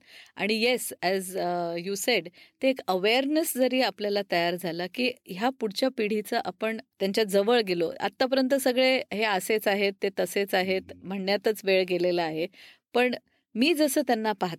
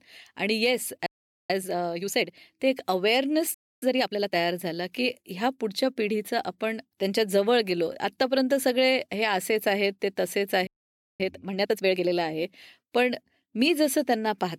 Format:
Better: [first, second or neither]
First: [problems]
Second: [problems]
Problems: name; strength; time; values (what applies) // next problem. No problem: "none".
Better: first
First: none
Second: audio freezing; at 1 s, at 3.5 s and at 11 s for 0.5 s